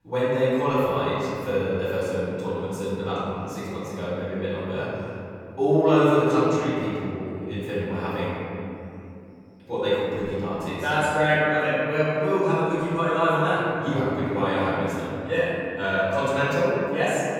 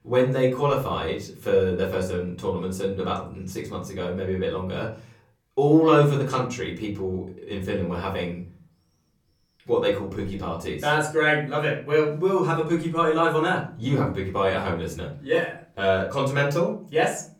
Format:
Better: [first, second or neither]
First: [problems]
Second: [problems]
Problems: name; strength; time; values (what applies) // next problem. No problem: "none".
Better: second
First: room echo; strong; dies away in 3 s // off-mic speech; far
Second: room echo; slight; dies away in 0.4 s // off-mic speech; far